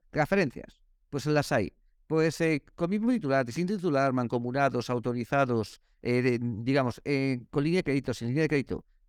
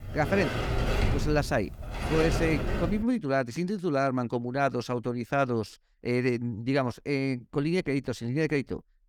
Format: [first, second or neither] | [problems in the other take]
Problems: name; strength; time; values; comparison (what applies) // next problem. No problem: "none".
first | door banging; loud; until 3 s; peak 1 dB above the speech